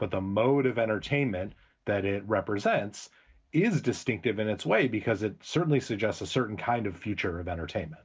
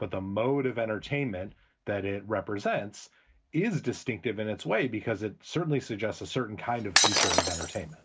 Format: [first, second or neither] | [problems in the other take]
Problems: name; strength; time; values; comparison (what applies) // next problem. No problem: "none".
first | background sound (Shatter); 4 dB above the speech